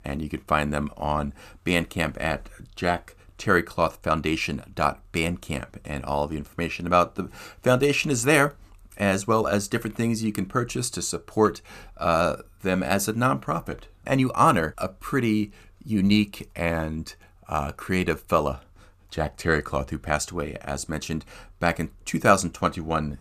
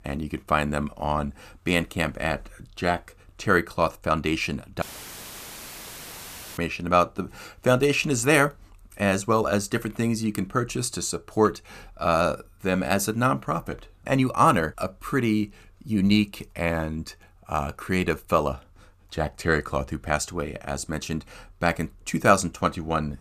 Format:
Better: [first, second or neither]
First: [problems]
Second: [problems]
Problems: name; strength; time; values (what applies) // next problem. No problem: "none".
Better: first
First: none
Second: audio cutting out; filled with static; at 5 s for 2 s